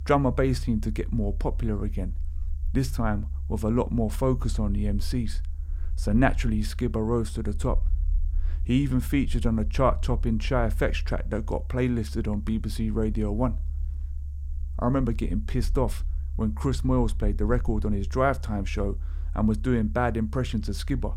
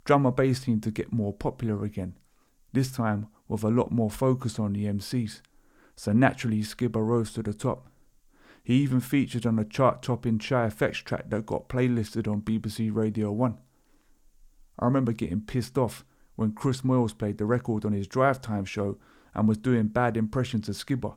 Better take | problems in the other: second | low rumble; faint; throughout; 25 dB below the speech

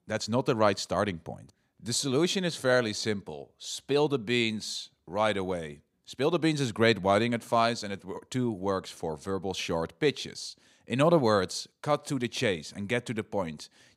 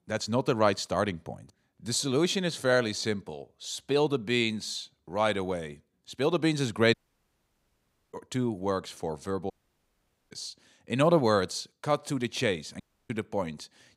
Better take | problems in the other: first | audio cutting out; at 7 s for 1 s, at 9.5 s for 1 s and at 13 s

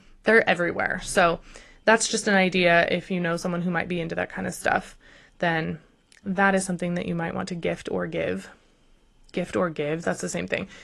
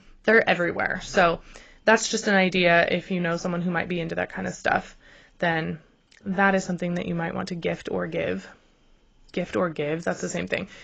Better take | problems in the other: first | garbled, watery; badly; nothing above 7.5 kHz; slightly in the first

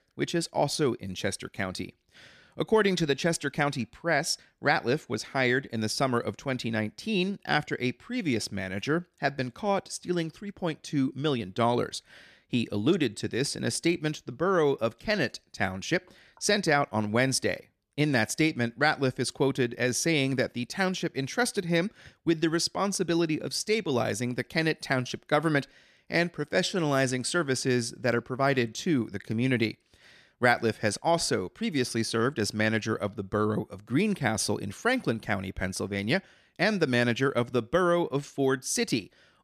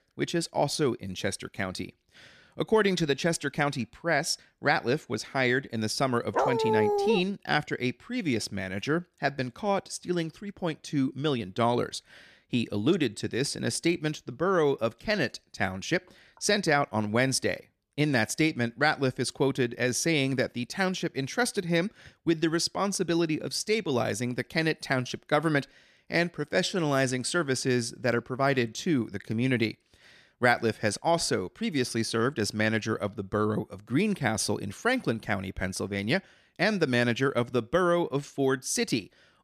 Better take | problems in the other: first | dog barking; loud; at 6.5 s; peak 2 dB above the speech

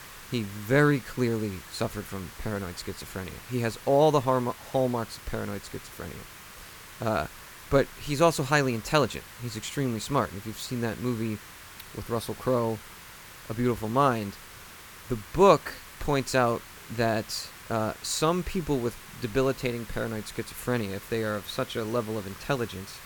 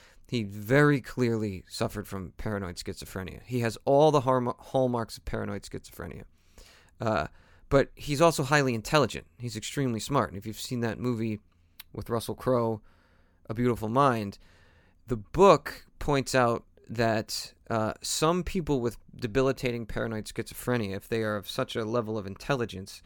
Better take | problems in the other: second | hiss; noticeable; throughout; 15 dB below the speech

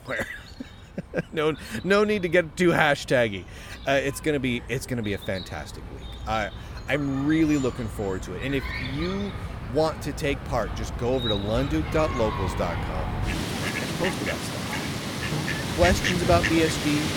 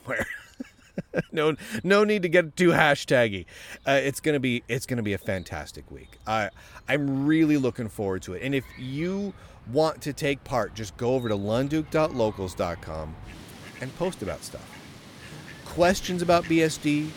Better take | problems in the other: second | animal sounds; loud; throughout; 4 dB below the speech; faint in the second

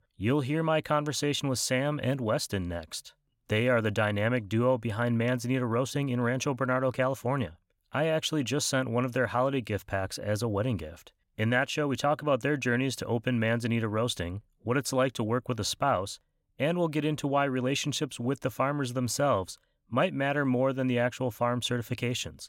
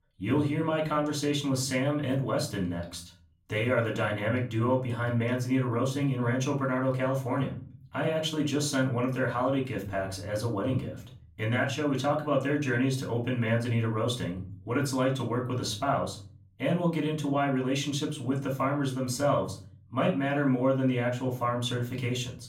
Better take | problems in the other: first | off-mic speech; far // room echo; slight; dies away in 0.4 s

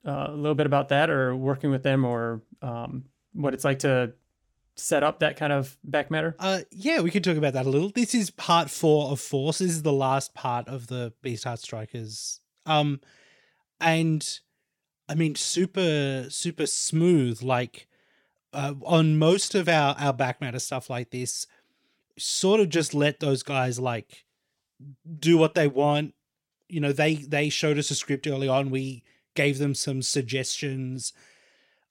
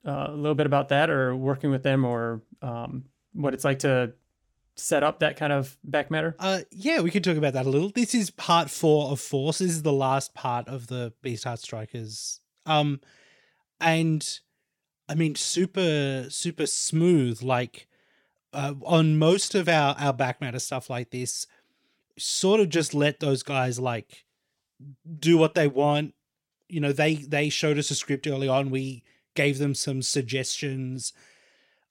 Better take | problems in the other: neither | none

